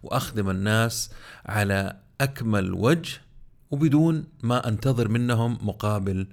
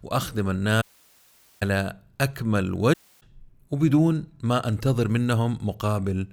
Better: first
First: none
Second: audio cutting out; at 1 s for 1 s and at 3 s

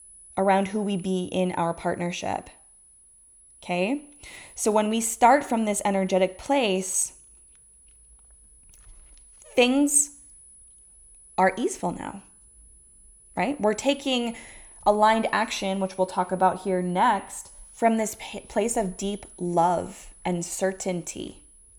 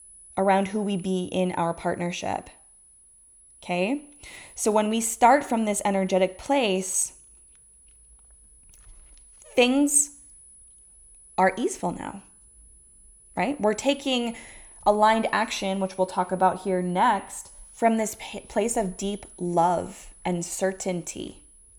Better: neither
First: high-pitched whine; faint; throughout; 10 kHz, 25 dB below the speech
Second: high-pitched whine; faint; throughout; 10 kHz, 25 dB below the speech

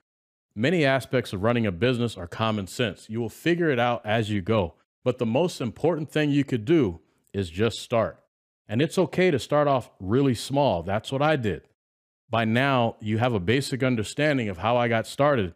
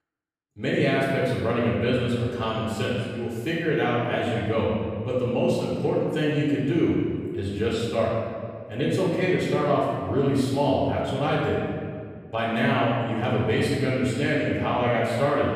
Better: first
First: none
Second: room echo; strong; dies away in 1.8 s // off-mic speech; far

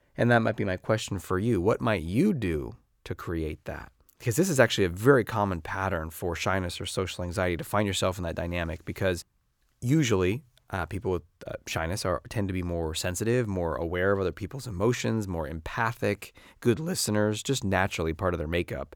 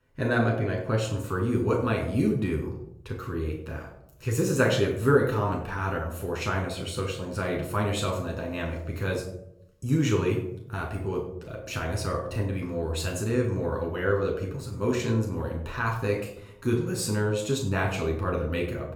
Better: first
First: none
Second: off-mic speech; somewhat distant // room echo; slight; dies away in 0.6 s

